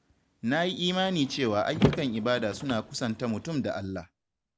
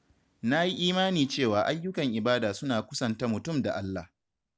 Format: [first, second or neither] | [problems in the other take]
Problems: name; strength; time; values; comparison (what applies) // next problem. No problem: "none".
second | background sound (Car); 4 dB below the speech